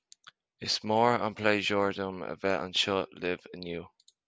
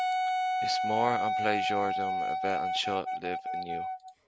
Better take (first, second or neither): first